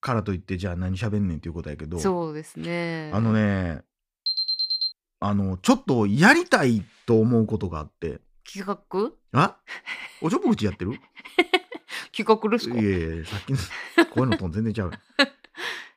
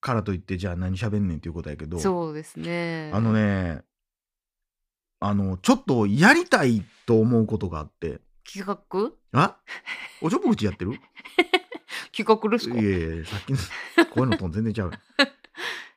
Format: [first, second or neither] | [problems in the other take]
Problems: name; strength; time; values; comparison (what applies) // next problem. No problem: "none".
second | alarm; loud; at 4.5 s; peak 1 dB above the speech